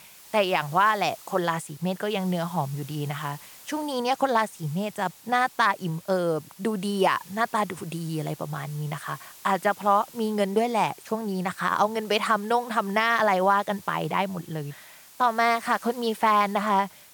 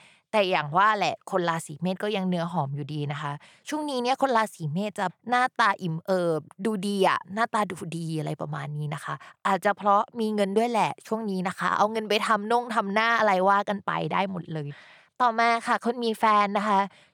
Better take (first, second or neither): second